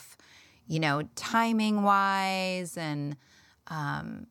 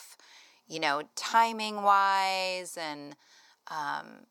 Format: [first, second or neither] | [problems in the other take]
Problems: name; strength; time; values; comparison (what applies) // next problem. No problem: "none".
first | thin; very; fading below 500 Hz